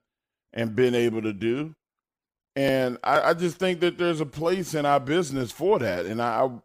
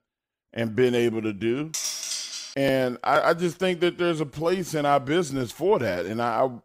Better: first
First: none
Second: clattering dishes; noticeable; at 1.5 s; peak 3 dB below the speech

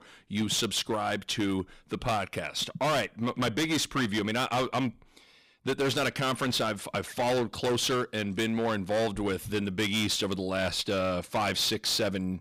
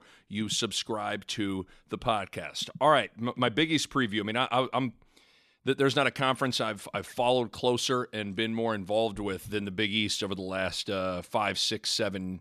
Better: second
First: distortion; heavy; 15% of the sound clipped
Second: none

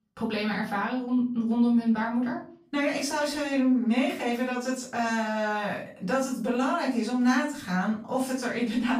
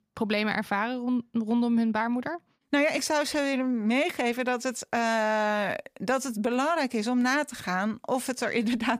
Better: second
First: off-mic speech; far // room echo; slight; dies away in 0.4 s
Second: none

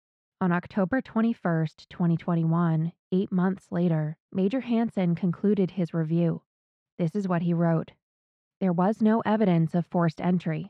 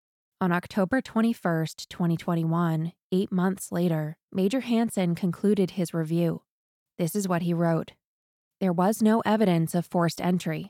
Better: second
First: muffled; slightly; fading above 2.5 kHz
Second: none

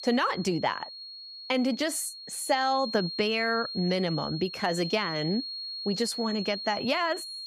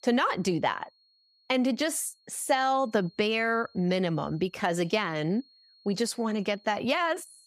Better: second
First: high-pitched whine; loud; throughout; 4.5 kHz, 7 dB below the speech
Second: high-pitched whine; faint; throughout; 4.5 kHz, 30 dB below the speech

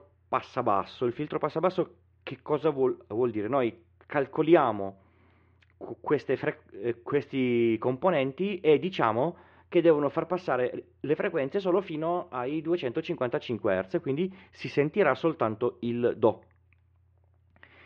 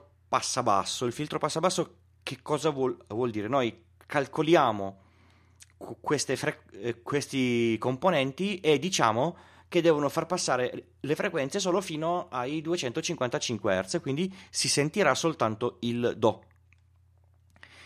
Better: second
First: muffled; very; fading above 3 kHz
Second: none

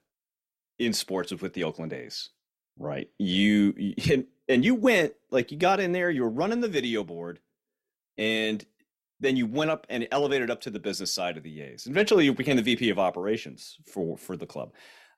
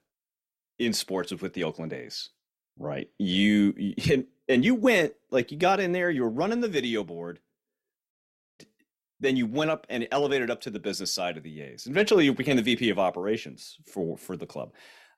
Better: first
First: none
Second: audio cutting out; at 8 s

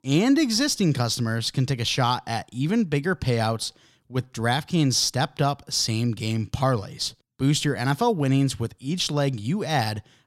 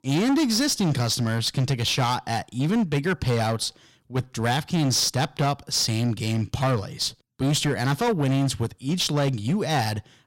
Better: first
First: none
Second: distortion; slight; 13% of the sound clipped

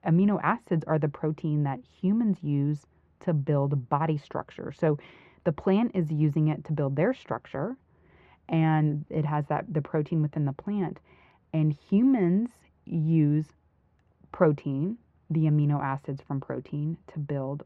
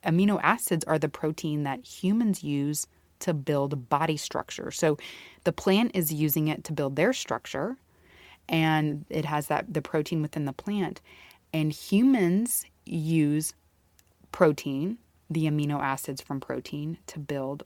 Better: second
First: muffled; very; fading above 1.5 kHz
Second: none

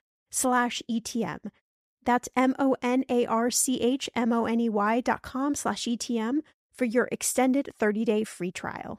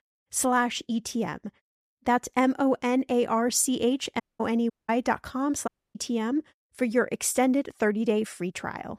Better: first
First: none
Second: audio cutting out; at 4 s, at 4.5 s and at 5.5 s

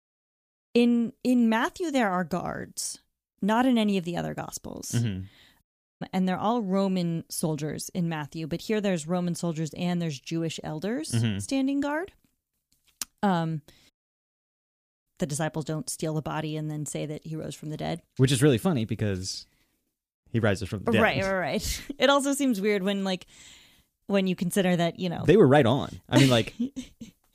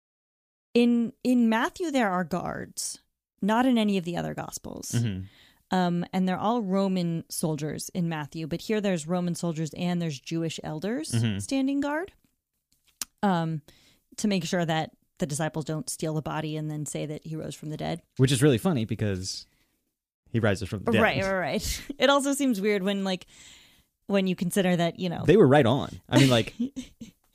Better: second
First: audio cutting out; at 5.5 s and at 14 s for 1 s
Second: none

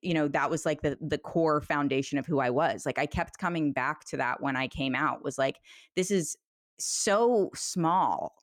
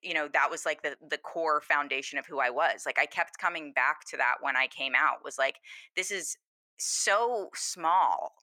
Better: first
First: none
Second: thin; very; fading below 800 Hz

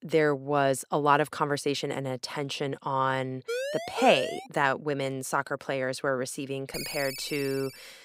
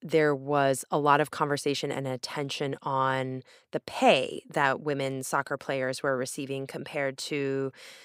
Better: second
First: siren; noticeable; at 3.5 s; peak 4 dB below the speech // phone ringing; noticeable; from 6.5 s on; peak 6 dB below the speech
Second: none

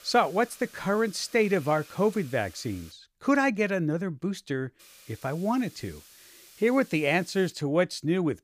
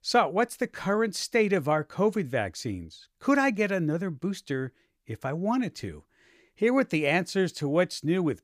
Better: second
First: hiss; faint; until 3 s and from 5 to 7.5 s; 25 dB below the speech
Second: none

